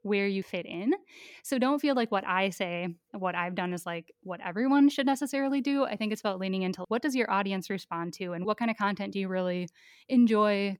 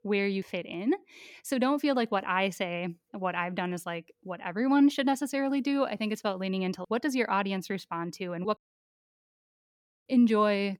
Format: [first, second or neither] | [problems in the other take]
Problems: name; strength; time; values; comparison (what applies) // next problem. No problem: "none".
first | audio cutting out; at 8.5 s for 1.5 s